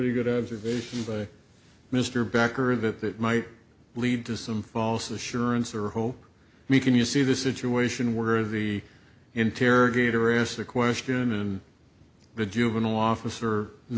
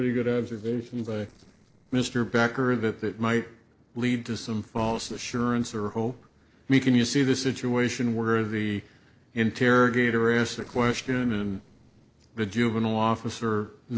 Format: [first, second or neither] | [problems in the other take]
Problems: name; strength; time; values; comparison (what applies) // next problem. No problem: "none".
first | noise reduction (neural separator model SepFormer DNS4)